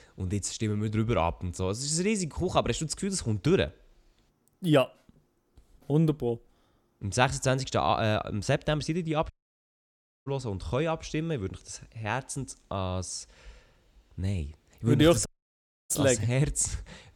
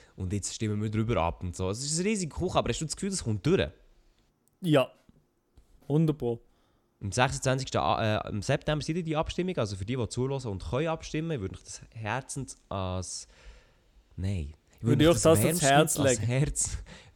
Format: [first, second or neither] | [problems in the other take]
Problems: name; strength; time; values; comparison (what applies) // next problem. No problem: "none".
second | audio cutting out; at 9.5 s for 1 s and at 15 s for 0.5 s